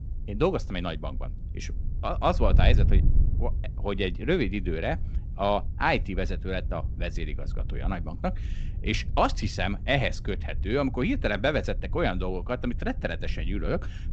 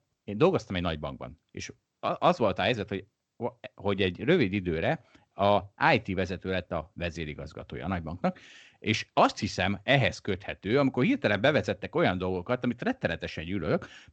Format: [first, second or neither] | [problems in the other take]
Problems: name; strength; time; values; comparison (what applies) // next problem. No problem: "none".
second | wind noise on the microphone; occasional gusts; 20 dB below the speech